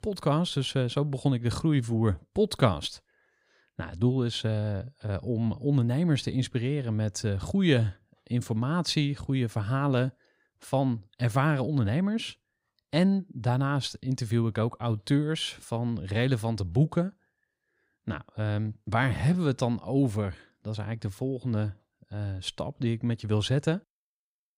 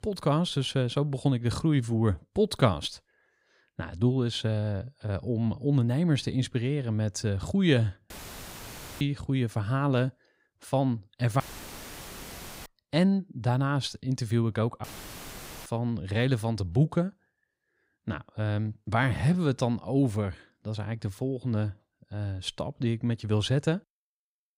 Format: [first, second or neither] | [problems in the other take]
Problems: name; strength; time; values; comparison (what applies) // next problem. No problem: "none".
first | audio cutting out; filled with static; at 8 s for 1 s, at 11 s for 1.5 s and at 15 s for 1 s